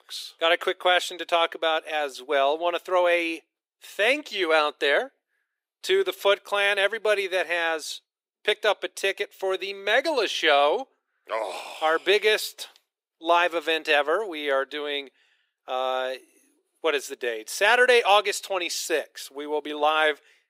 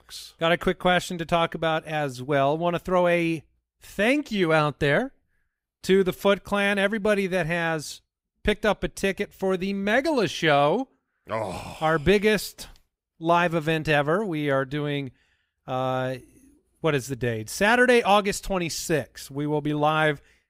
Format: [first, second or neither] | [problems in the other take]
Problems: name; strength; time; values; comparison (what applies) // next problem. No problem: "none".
second | thin; very; fading below 350 Hz